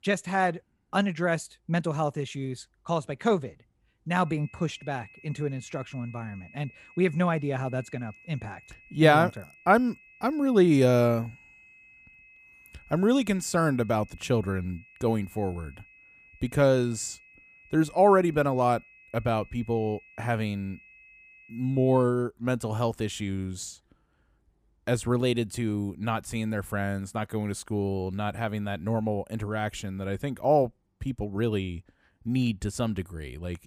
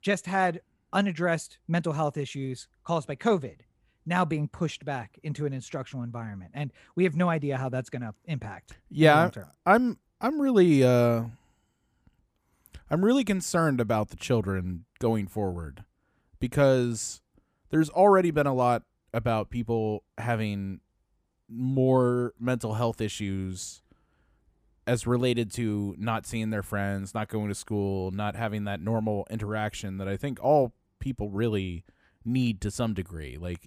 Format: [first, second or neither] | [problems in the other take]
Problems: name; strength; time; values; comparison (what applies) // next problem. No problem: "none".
second | high-pitched whine; faint; from 4.5 to 22 s; 2.5 kHz, 25 dB below the speech